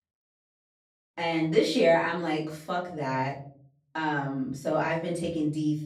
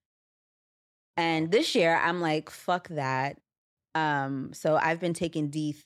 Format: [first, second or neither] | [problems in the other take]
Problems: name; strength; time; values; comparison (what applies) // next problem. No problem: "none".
second | off-mic speech; far // room echo; slight; dies away in 0.5 s